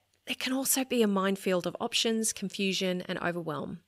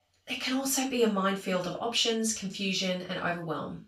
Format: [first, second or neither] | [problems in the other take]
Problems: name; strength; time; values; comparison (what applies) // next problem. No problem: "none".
first | room echo; slight; dies away in 0.3 s // off-mic speech; far